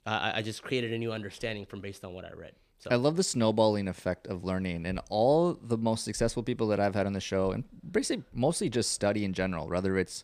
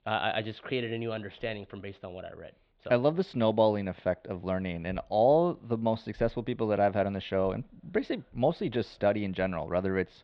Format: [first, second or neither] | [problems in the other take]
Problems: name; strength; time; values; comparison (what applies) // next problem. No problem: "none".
first | muffled; very; fading above 3.5 kHz